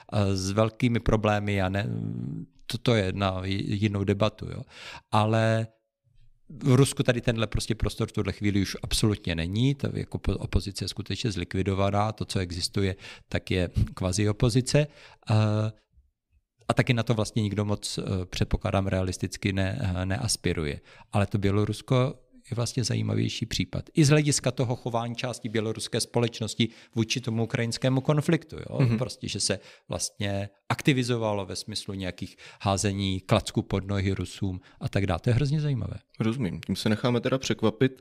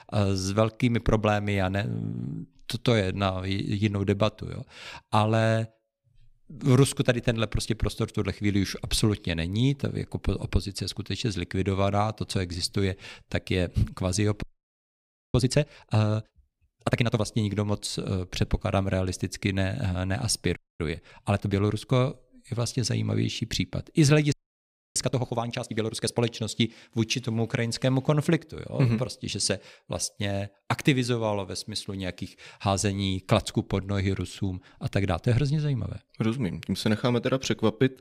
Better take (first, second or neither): first